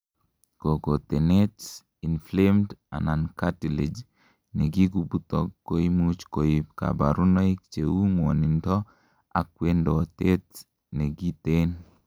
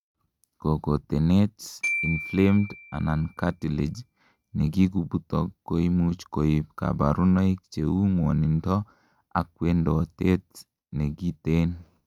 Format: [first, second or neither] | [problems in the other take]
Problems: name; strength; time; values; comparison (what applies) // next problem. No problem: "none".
first | noise reduction (neural mask model RNNoise)